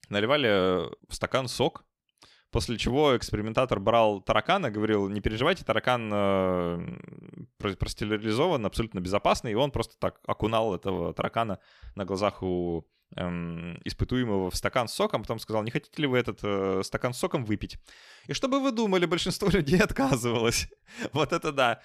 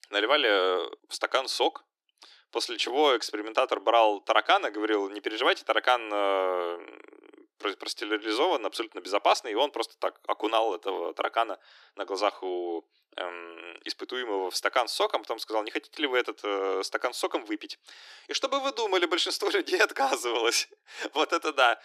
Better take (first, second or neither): first